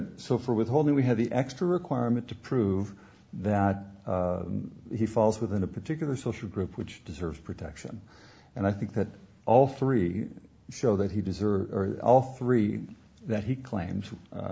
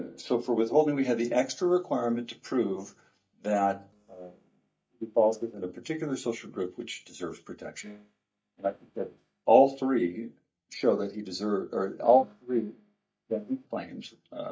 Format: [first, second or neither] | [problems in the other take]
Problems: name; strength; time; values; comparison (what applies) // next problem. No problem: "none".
first | noise reduction (neural mask model DeepFilterNet 3)